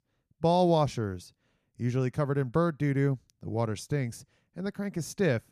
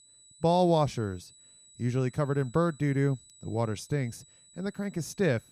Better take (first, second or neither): first